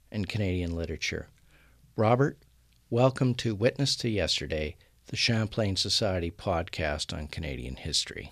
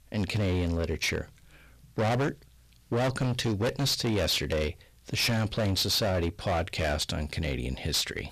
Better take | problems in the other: first | distortion; heavy; 18% of the sound clipped

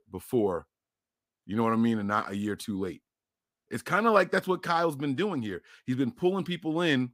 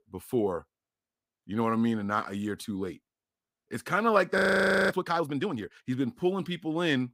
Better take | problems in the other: first | audio freezing; at 4.5 s for 0.5 s

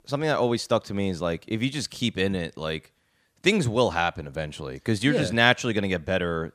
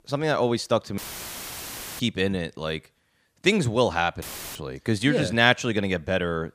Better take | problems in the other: first | audio cutting out; filled with static; at 1 s for 1 s and at 4 s

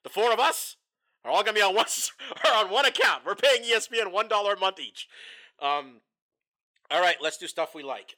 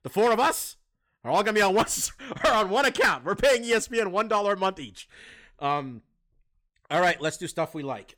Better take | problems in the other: second | thin; somewhat; fading below 500 Hz

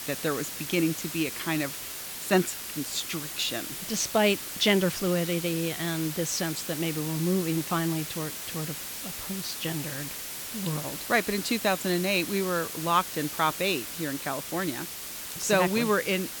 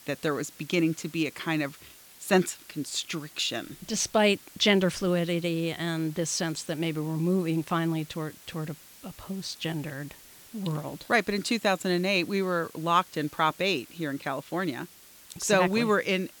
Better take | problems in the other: second | hiss; loud; throughout; 6 dB below the speech; faint in the second

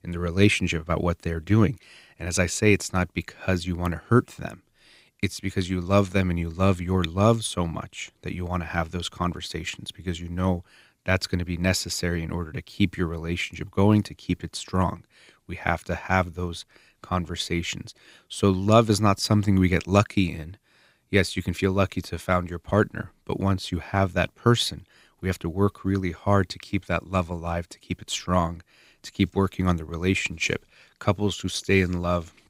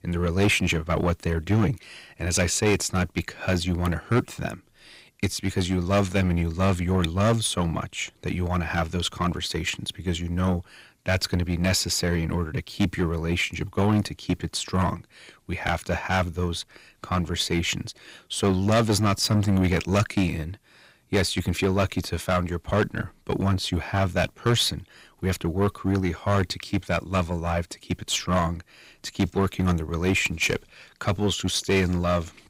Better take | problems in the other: first | distortion; heavy; 6 dB below the speech

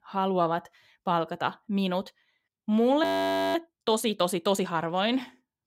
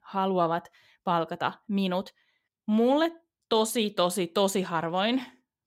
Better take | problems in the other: second | audio freezing; at 3 s for 0.5 s

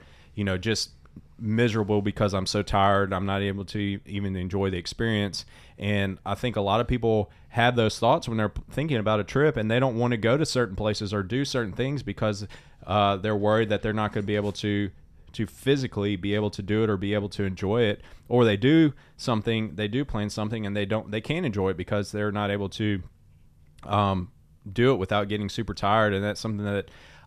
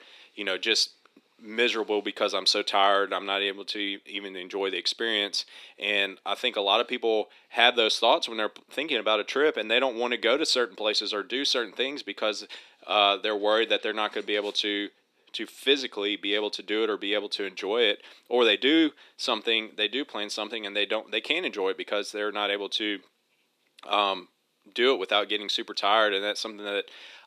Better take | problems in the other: first | thin; somewhat; fading below 300 Hz

